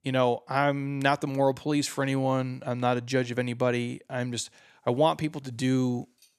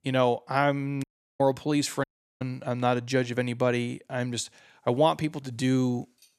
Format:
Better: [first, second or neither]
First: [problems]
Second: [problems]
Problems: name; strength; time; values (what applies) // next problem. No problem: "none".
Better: first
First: none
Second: audio cutting out; at 1 s and at 2 s